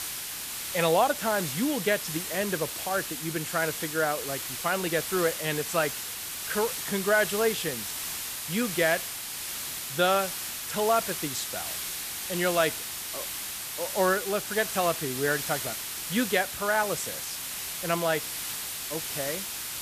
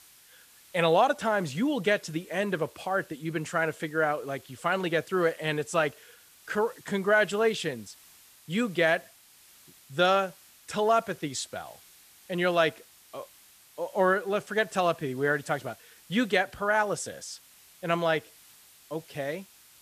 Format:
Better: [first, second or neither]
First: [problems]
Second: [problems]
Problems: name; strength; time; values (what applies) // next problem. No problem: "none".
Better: second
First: hiss; loud; throughout; 4 dB below the speech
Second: hiss; faint; throughout; 25 dB below the speech